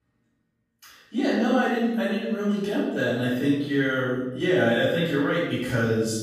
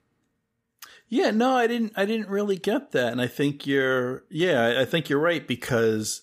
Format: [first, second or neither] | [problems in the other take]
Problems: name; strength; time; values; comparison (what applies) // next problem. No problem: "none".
second | off-mic speech; far // room echo; strong; dies away in 1 s